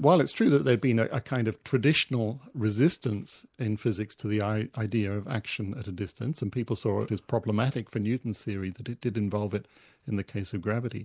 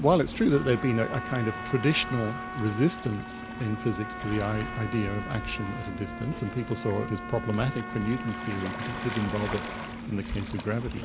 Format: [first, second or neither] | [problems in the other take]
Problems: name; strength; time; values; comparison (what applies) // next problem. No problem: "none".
first | background sound (Waves, surf + Trumpet); 7 dB below the speech